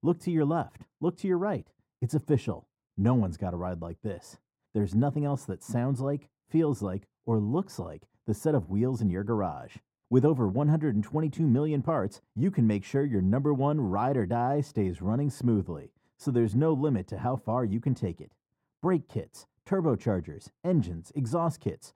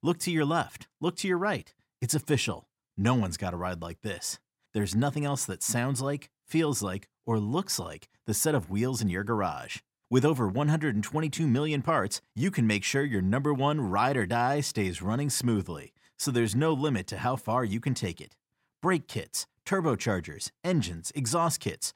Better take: second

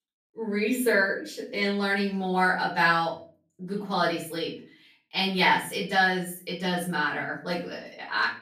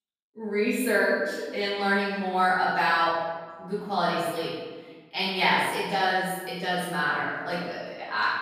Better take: first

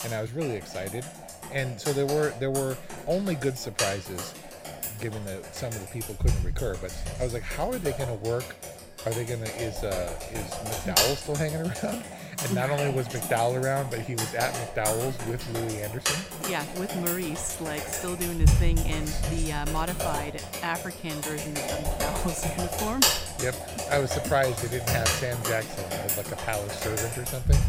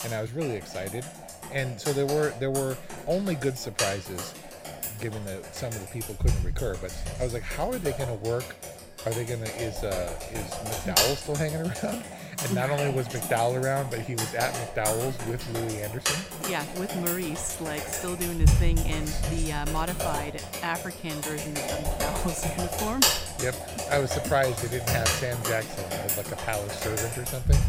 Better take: neither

